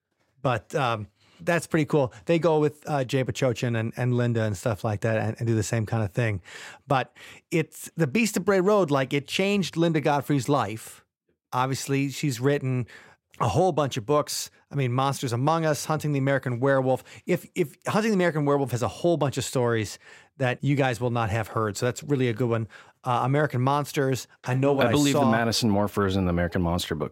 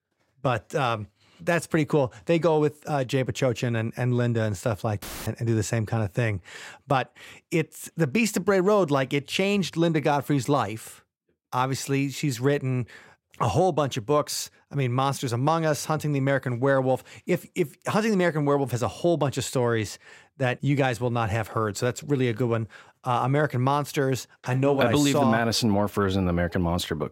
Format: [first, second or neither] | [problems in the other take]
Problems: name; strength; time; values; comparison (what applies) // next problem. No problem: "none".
first | audio cutting out; filled with static; at 5 s